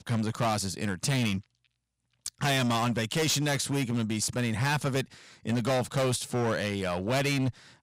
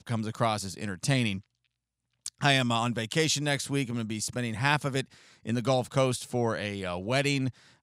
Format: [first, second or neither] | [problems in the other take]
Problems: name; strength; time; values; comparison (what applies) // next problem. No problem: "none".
second | distortion; heavy; 16% of the sound clipped